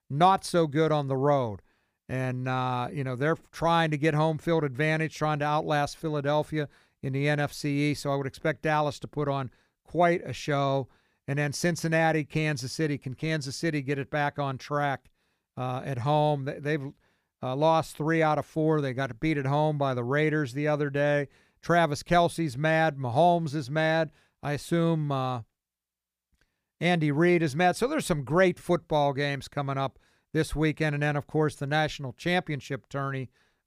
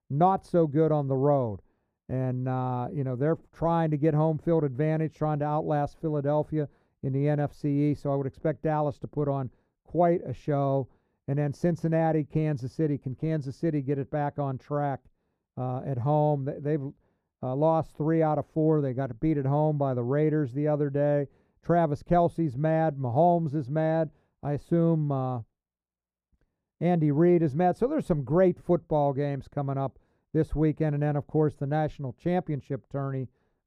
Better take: first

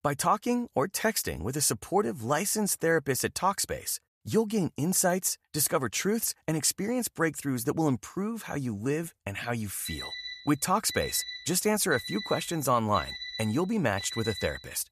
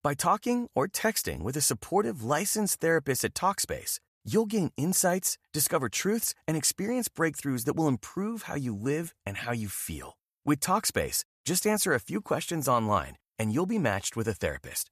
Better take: second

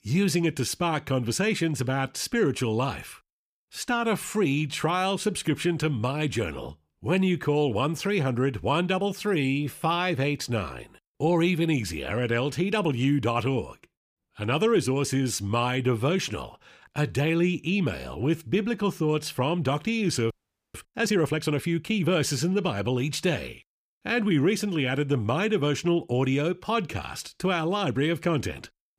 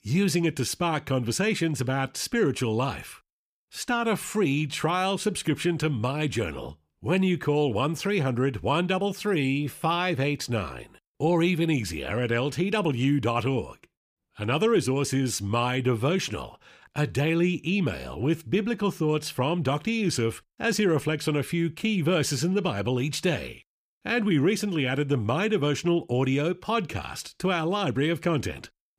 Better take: second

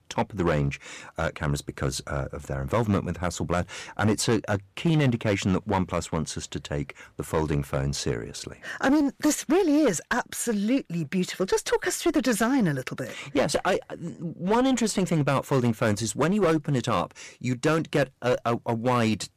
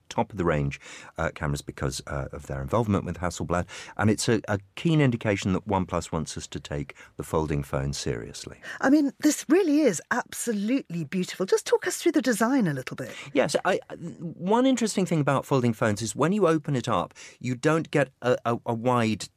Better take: second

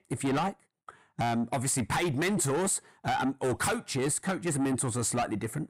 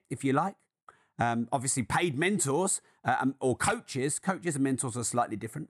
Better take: second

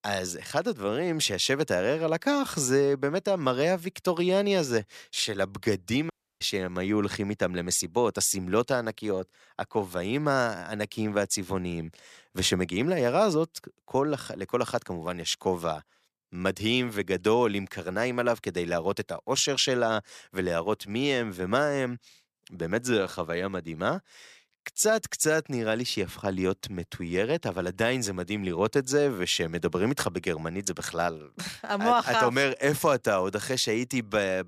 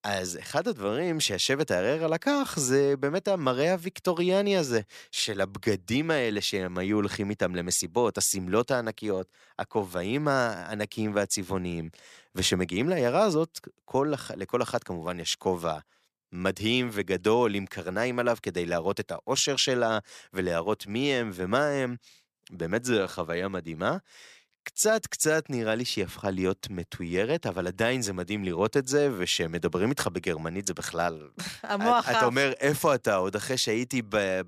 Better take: second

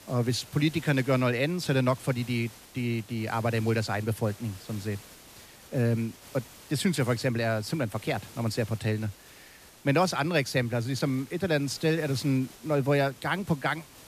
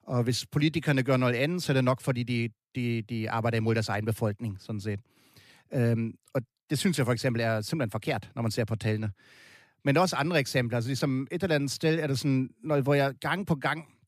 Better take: second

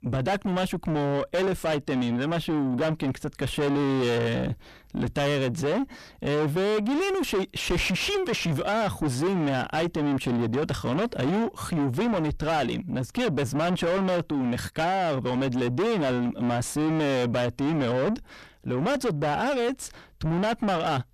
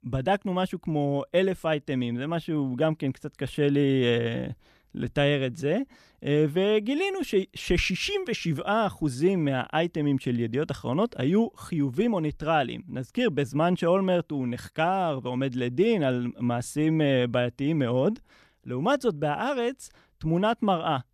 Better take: second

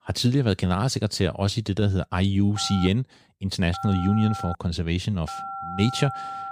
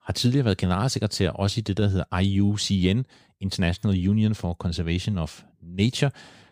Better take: second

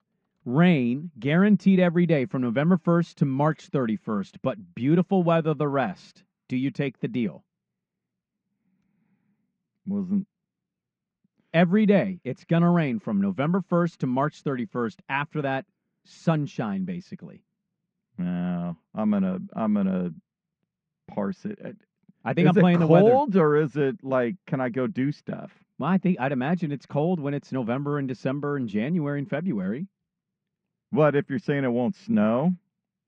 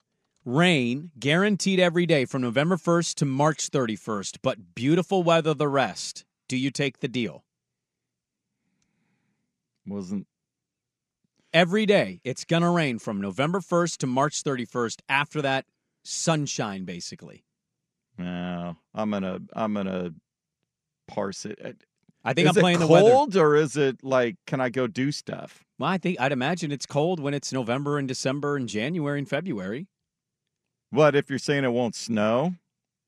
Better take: second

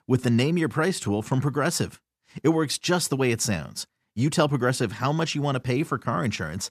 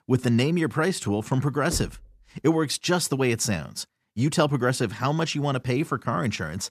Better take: first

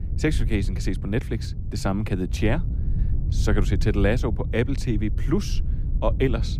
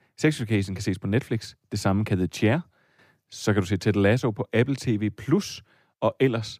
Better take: second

